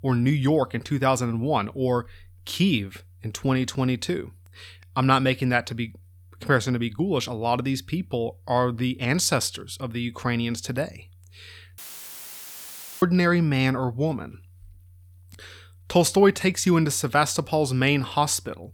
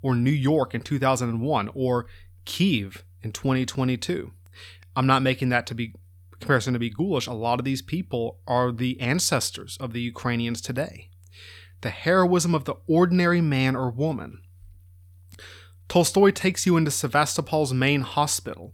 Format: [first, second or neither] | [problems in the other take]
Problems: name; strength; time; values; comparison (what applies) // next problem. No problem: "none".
second | audio cutting out; filled with static; at 12 s for 1 s